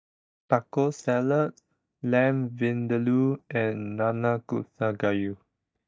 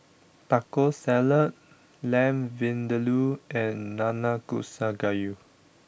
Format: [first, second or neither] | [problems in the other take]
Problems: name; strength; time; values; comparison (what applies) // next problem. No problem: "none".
second | noise reduction (neural mask model DeepFilterNet 3)